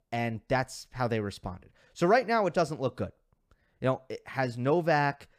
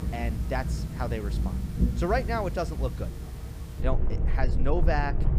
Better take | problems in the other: first | rain or running water; very loud; throughout; 2 dB above the speech

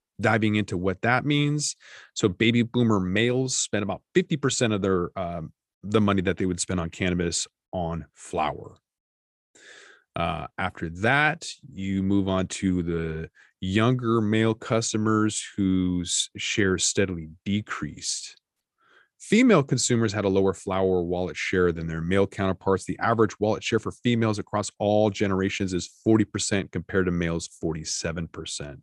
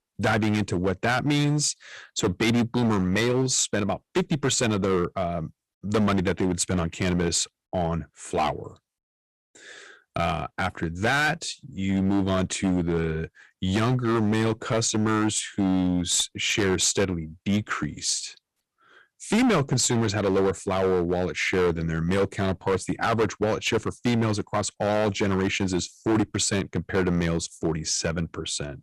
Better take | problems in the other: first | distortion; heavy; 10% of the sound clipped

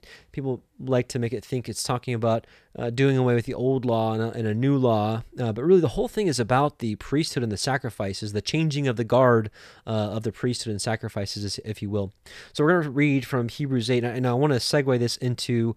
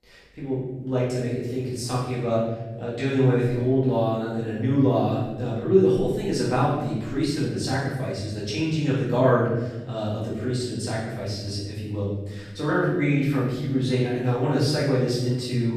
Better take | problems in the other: first | room echo; strong; dies away in 1.2 s // off-mic speech; far

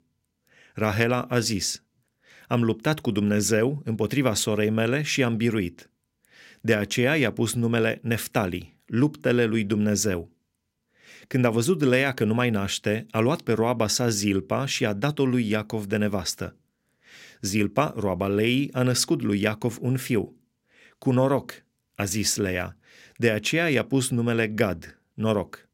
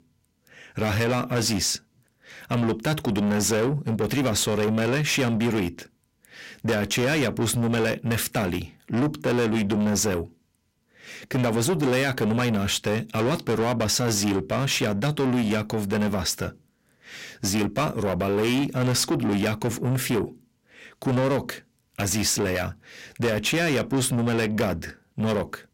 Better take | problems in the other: first | distortion; heavy; 6 dB below the speech

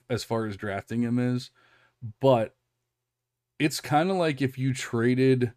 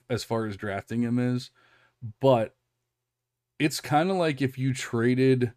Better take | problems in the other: neither | none

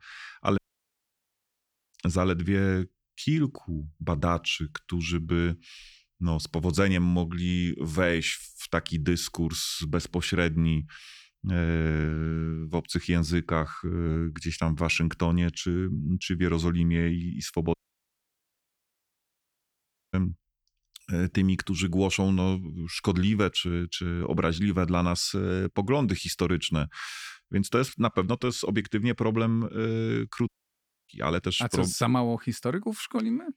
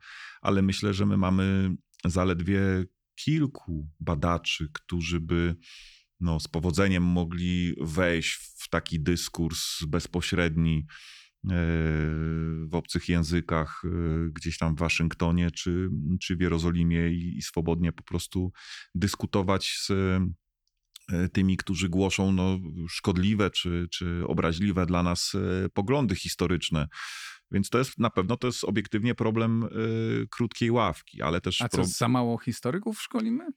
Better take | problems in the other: second | audio cutting out; at 0.5 s for 1.5 s, at 18 s for 2.5 s and at 30 s for 0.5 s

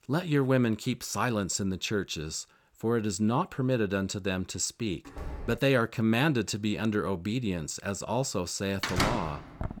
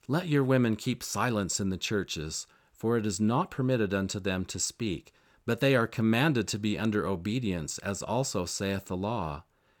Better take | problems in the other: second | door banging; faint; at 5 s; peak 10 dB below the speech // door banging; loud; at 9 s; peak 1 dB above the speech

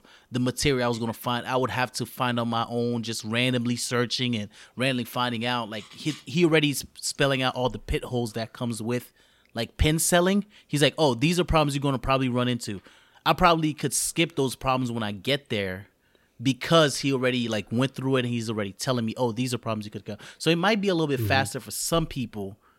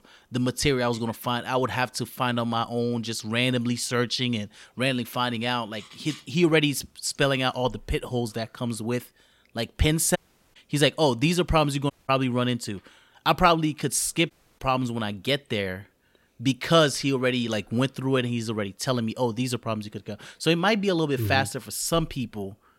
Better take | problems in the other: first | audio cutting out; at 10 s, at 12 s and at 14 s

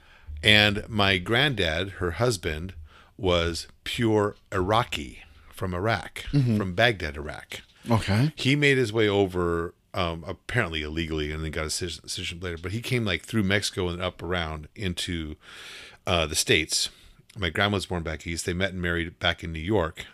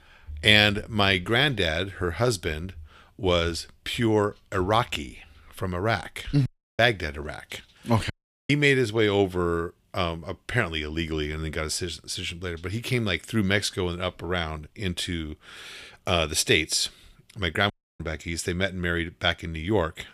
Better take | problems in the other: first | audio cutting out; at 6.5 s, at 8 s and at 18 s

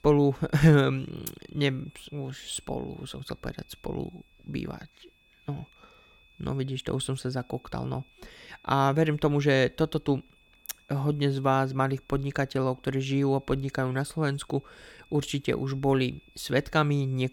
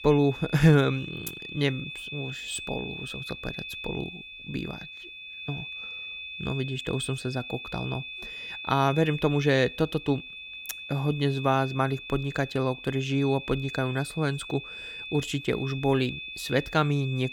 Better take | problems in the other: first | high-pitched whine; loud; throughout; 2.5 kHz, 10 dB below the speech; faint in the first

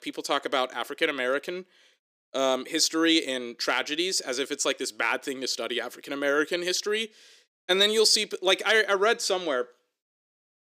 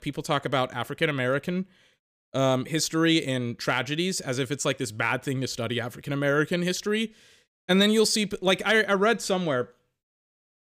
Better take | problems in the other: second | thin; somewhat; fading below 300 Hz

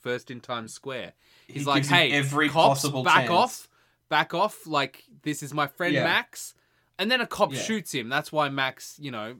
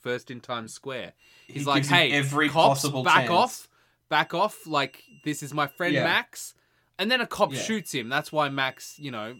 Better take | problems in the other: first | high-pitched whine; faint; from 1 to 3.5 s, from 4 to 6 s and from 7.5 s on; 3 kHz, 30 dB below the speech

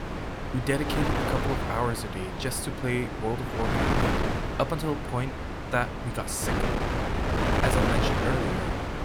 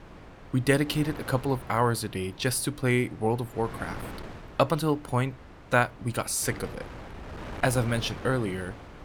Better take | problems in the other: second | wind noise on the microphone; heavy; 2 dB above the speech; occasional gusts in the second

